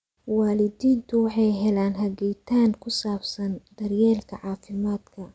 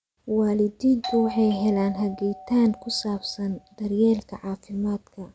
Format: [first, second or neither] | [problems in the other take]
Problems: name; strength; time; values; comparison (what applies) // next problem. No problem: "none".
first | background sound (Doorbell); 14 dB below the speech